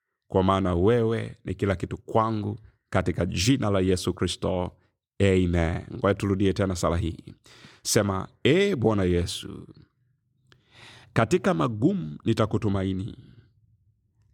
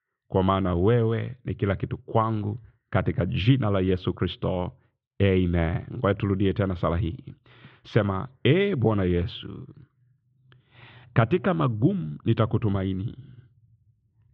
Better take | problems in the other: first | muffled; very; fading above 3.5 kHz

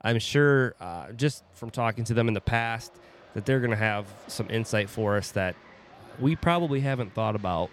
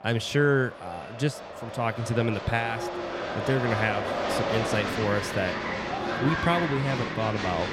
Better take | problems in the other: first | crowd noise; loud; throughout; 3 dB below the speech; faint in the first

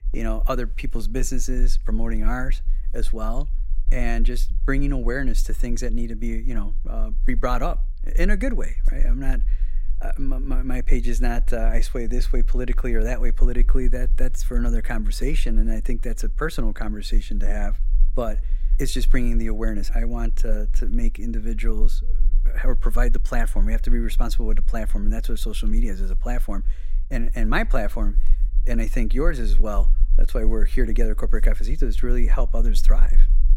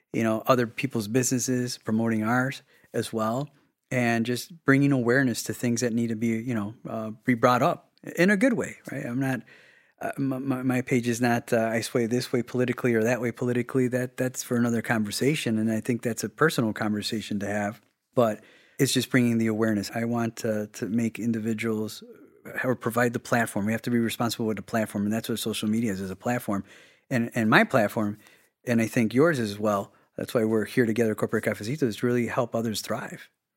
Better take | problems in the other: second | low rumble; faint; throughout; 25 dB below the speech

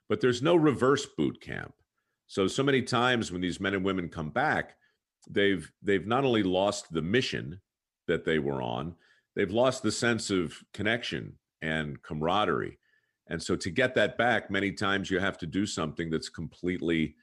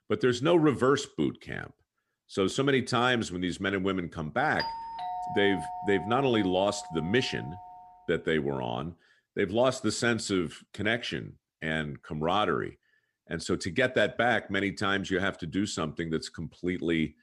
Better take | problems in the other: first | doorbell; noticeable; from 4.5 to 8 s; peak 6 dB below the speech

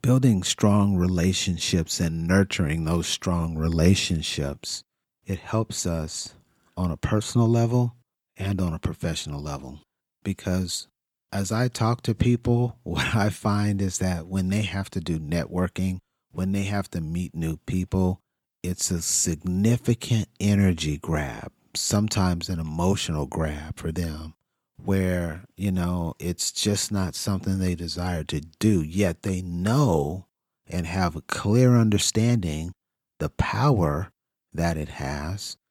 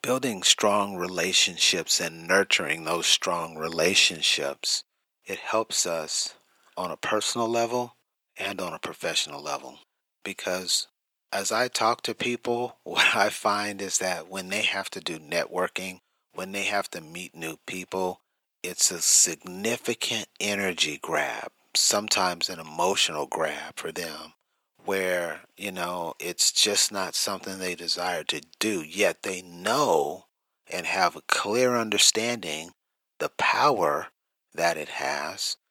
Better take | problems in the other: first | thin; very; fading below 600 Hz

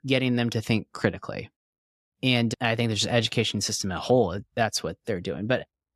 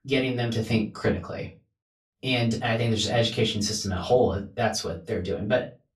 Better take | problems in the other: first | off-mic speech; far // room echo; very slight; dies away in 0.2 s

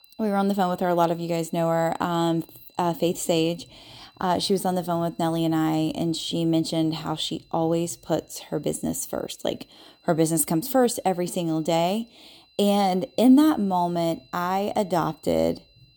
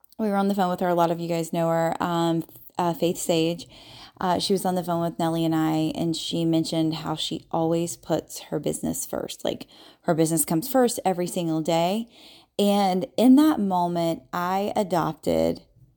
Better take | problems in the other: second | high-pitched whine; faint; throughout; 4 kHz, 35 dB below the speech

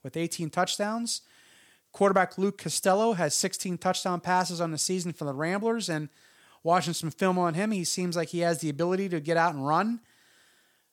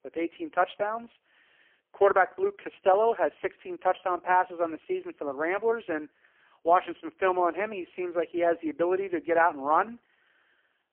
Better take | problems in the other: first | phone-call audio; poor line; nothing above 3.5 kHz

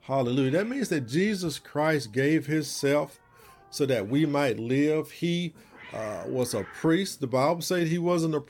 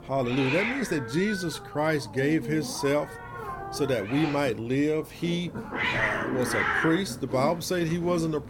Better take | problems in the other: first | hiss; loud; throughout; 4 dB below the speech; faint in the first

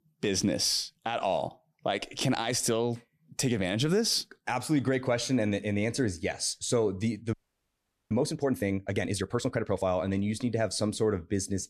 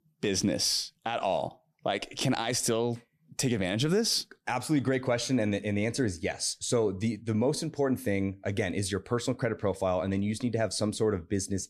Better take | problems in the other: second | audio freezing; at 7.5 s for 1 s

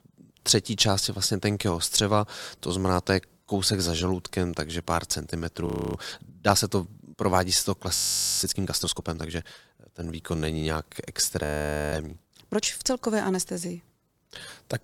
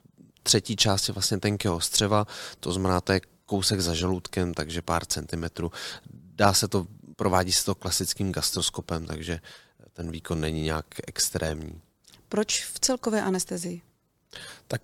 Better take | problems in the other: second | audio freezing; at 5.5 s, at 8 s and at 11 s

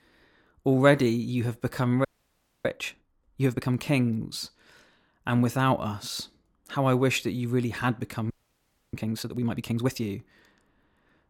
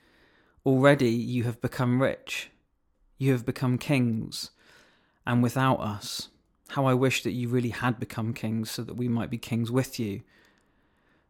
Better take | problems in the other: second | audio freezing; at 2 s for 0.5 s and at 8.5 s for 0.5 s

